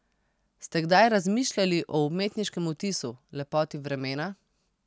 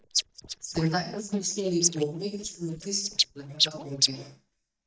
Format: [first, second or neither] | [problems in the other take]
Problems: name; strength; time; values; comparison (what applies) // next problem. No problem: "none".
first | noise reduction (neural mask model DeepFilterNet 3)